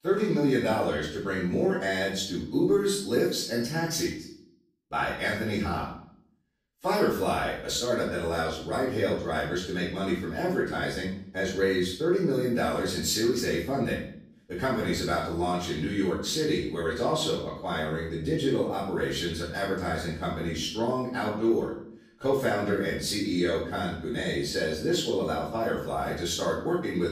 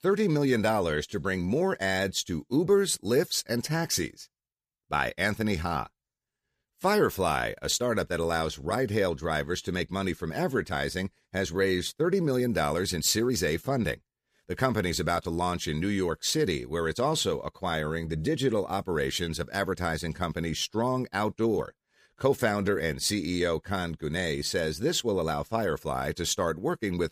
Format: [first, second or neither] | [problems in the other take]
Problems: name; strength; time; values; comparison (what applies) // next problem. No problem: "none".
second | off-mic speech; far // room echo; noticeable; dies away in 0.5 s